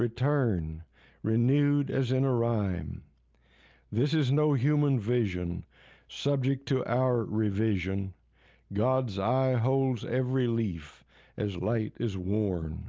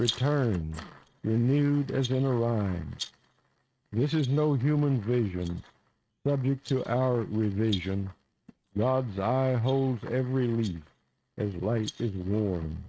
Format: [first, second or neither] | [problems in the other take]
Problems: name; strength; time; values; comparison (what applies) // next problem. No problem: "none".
first | noise reduction (neural mask model RNNoise)